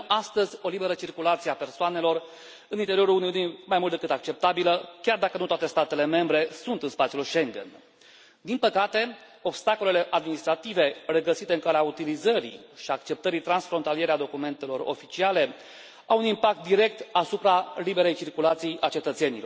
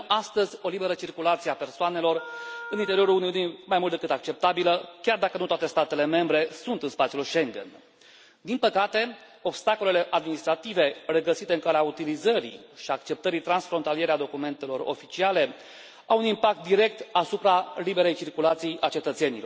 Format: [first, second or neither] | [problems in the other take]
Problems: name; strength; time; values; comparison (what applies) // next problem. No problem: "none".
first | background sound (Wind instrument, woodwind instrument); 15 dB below the speech